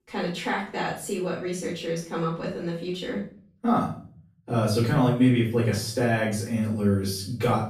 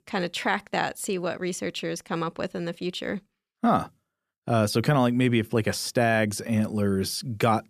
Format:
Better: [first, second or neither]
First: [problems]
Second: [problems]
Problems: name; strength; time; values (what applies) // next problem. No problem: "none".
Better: second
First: off-mic speech; far // room echo; noticeable; dies away in 0.5 s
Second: none